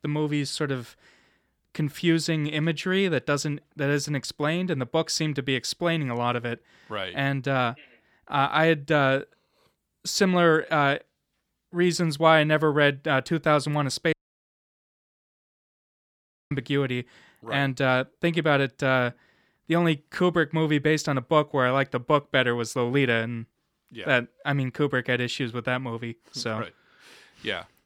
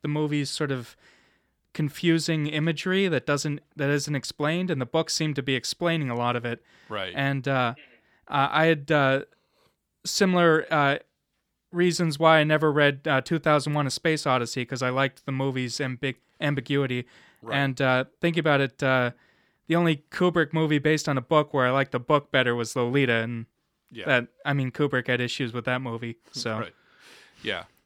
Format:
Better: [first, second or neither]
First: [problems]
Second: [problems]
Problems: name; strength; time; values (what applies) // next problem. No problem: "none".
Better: second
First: audio cutting out; at 14 s for 2.5 s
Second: none